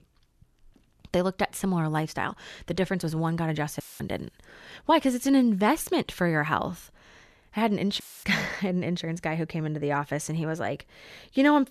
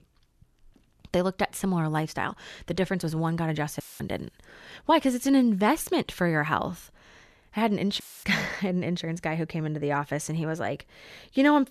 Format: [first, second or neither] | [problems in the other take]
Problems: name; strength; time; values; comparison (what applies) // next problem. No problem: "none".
neither | audio cutting out; filled with static; at 4 s and at 8 s; the same in both